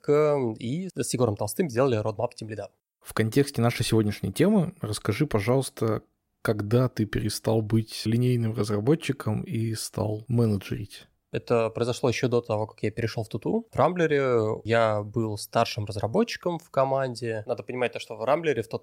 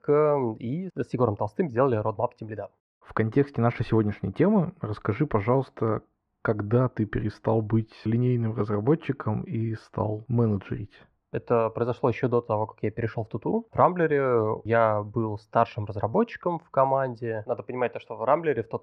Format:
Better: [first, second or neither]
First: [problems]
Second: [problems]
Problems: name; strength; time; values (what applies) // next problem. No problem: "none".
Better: first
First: none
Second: muffled; very; fading above 1.5 kHz